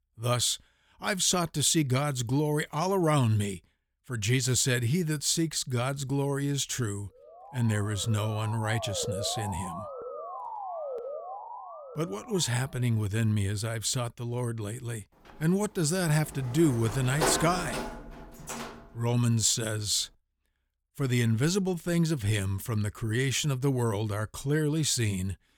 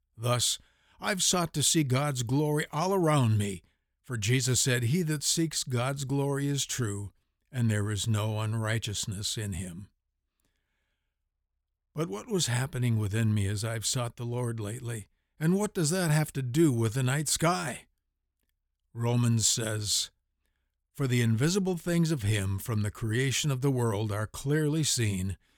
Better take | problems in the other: second | siren; noticeable; from 7.5 to 13 s; peak 7 dB below the speech // door banging; noticeable; from 17 to 19 s; peak level with the speech

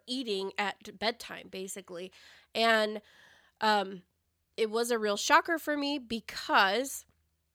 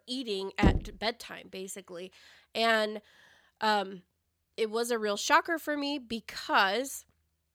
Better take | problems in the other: first | door banging; loud; at 0.5 s; peak 2 dB above the speech

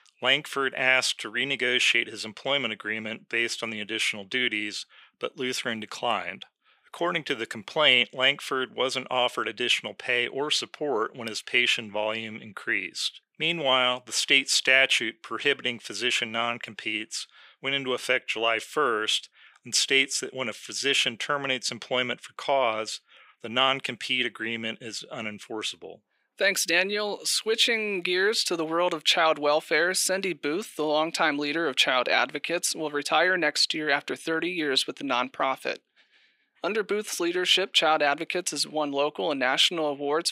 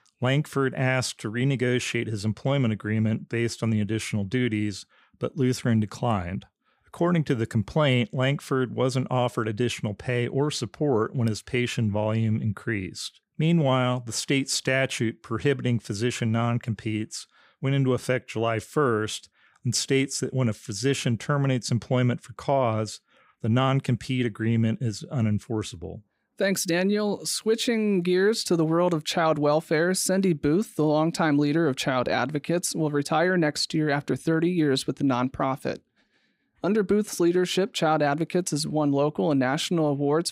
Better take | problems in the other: second | thin; somewhat; fading below 450 Hz

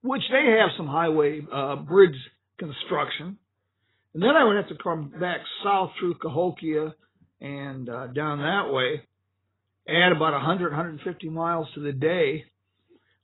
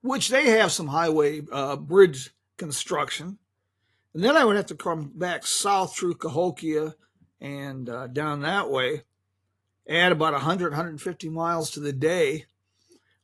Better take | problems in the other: second | garbled, watery; badly; nothing above 4 kHz; slightly in the second

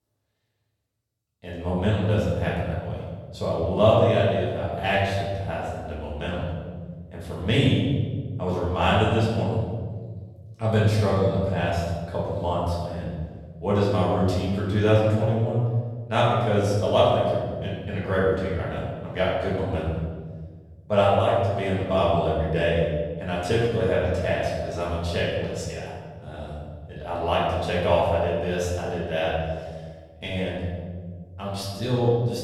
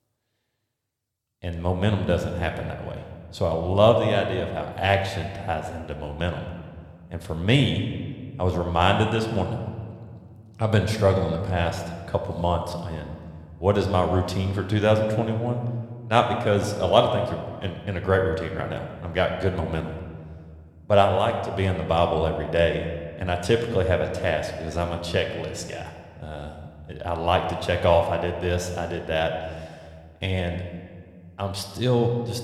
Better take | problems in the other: second | room echo; strong; dies away in 1.6 s; slight in the second // off-mic speech; far

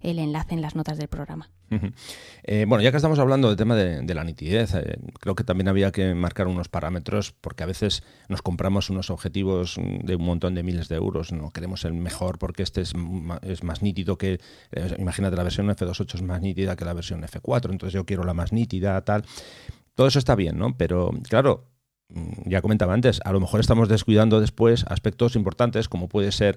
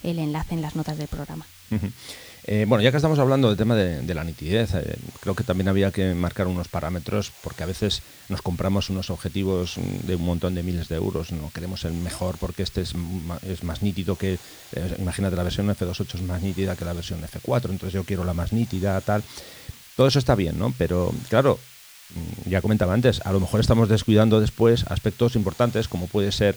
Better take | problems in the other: first | hiss; noticeable; throughout; 20 dB below the speech

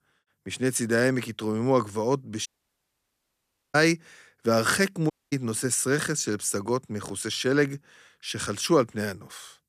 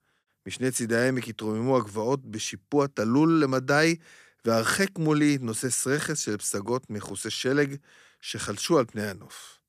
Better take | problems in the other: second | audio cutting out; at 2.5 s for 1.5 s and at 5 s

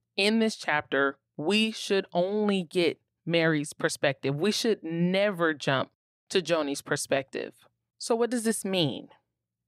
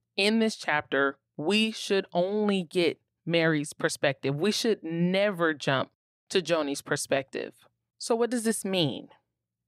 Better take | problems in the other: neither | none

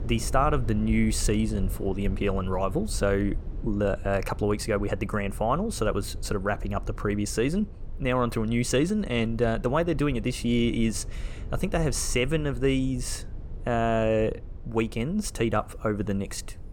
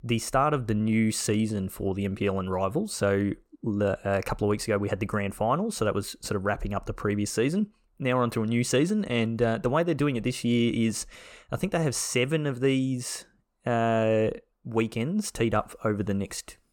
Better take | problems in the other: second | low rumble; faint; throughout; 20 dB below the speech

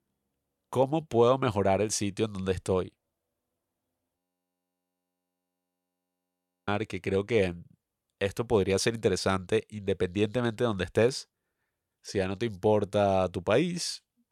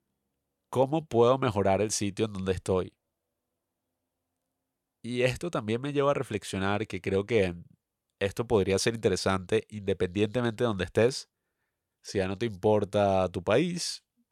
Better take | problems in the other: second | audio freezing; at 4 s for 2.5 s

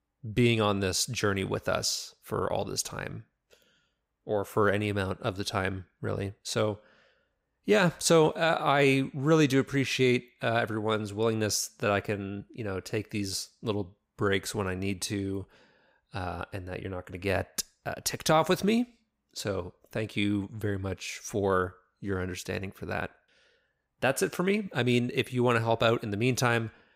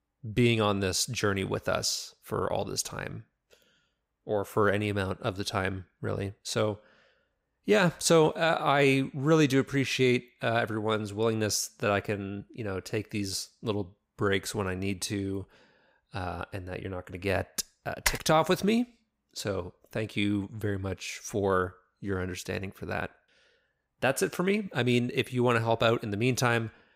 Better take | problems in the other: first | keyboard typing; noticeable; at 18 s; peak 3 dB below the speech

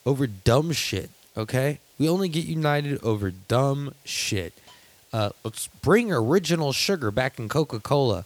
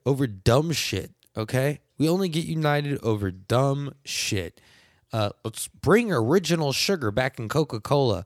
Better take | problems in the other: second | hiss; faint; throughout; 30 dB below the speech

